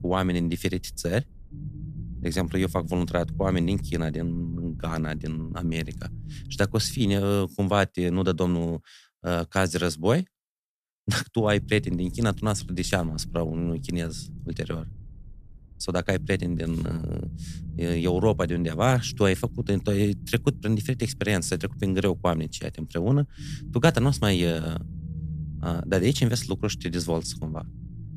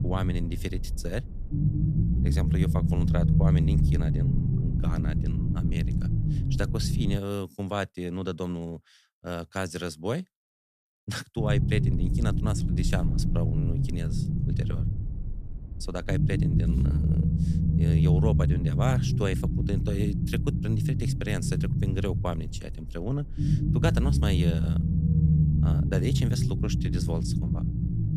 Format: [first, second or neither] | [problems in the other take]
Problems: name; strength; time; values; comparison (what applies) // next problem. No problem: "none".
first | low rumble; loud; until 7 s and from 11 s on; 1 dB below the speech; faint in the first